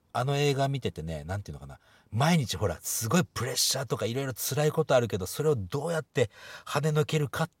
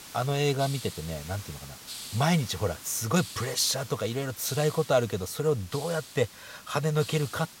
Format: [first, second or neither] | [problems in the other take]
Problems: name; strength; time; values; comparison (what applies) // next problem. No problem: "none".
first | hiss; noticeable; throughout; 15 dB below the speech